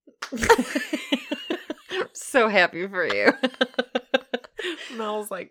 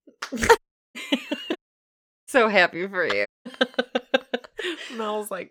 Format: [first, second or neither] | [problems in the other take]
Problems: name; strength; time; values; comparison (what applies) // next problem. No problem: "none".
first | audio cutting out; at 0.5 s, at 1.5 s for 0.5 s and at 3.5 s